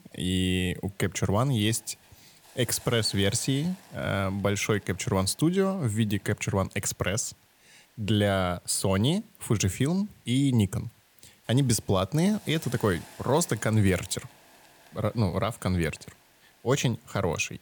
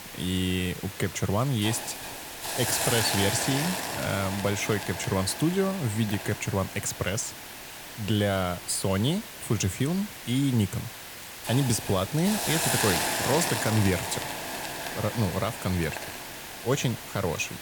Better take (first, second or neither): first